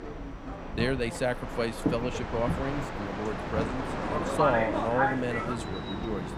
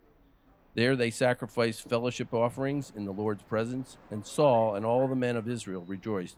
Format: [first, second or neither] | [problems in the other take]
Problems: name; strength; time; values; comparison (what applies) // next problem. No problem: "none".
second | train or aircraft noise; loud; throughout; as loud as the speech; faint in the second